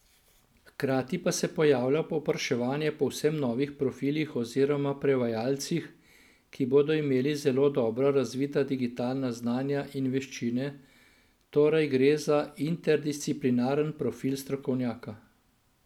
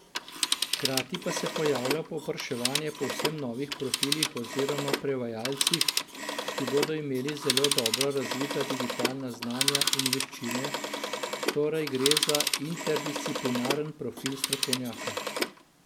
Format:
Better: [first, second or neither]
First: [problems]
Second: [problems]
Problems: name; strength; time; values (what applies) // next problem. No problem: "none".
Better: first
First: none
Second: background sound (Telephone); 1 dB above the speech